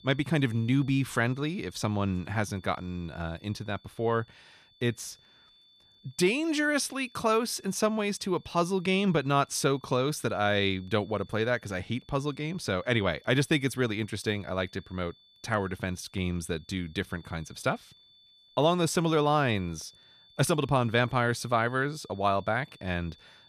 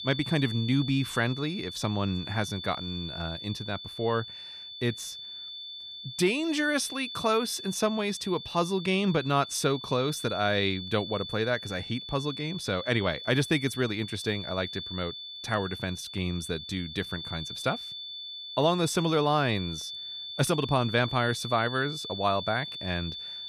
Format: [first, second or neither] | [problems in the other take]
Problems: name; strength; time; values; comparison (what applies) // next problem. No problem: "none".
first | high-pitched whine; loud; throughout; 3.5 kHz, 8 dB below the speech; faint in the first